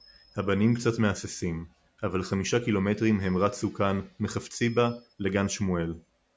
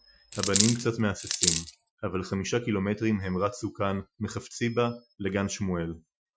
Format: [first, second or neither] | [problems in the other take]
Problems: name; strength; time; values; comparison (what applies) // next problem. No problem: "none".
first | noise reduction (classical method Wiener filter)